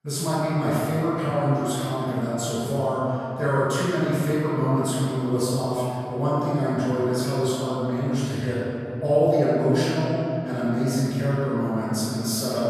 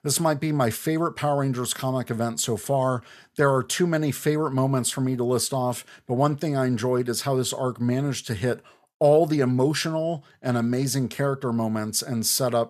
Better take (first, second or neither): second